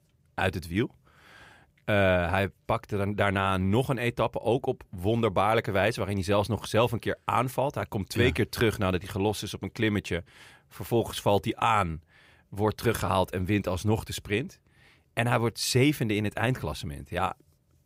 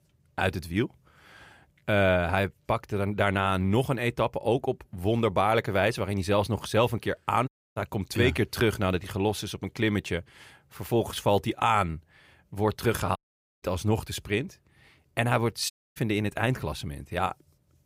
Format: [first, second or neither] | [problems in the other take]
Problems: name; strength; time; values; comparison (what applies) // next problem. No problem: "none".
first | audio cutting out; at 7.5 s, at 13 s and at 16 s